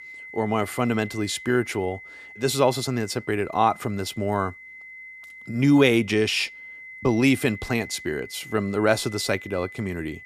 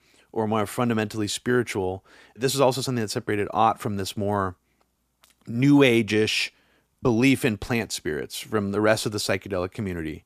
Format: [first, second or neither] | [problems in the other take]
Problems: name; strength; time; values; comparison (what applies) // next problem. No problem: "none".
second | high-pitched whine; noticeable; throughout; 2 kHz, 15 dB below the speech